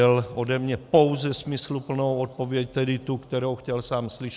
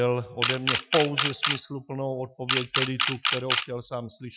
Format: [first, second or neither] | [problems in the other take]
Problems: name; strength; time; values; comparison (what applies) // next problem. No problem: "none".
first | noise reduction (classical method Wiener filter)